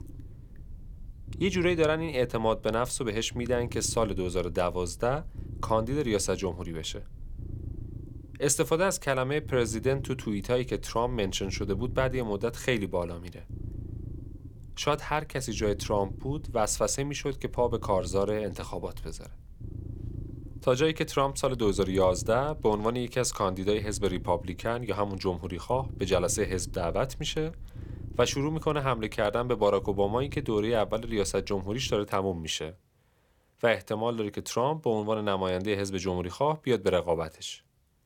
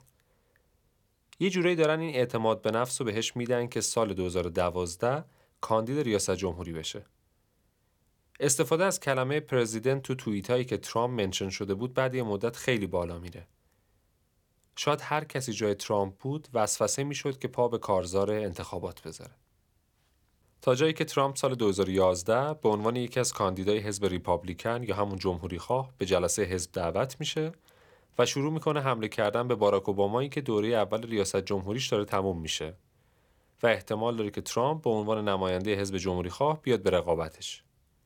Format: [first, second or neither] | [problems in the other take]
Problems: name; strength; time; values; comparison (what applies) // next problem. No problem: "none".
second | low rumble; faint; until 32 s; 25 dB below the speech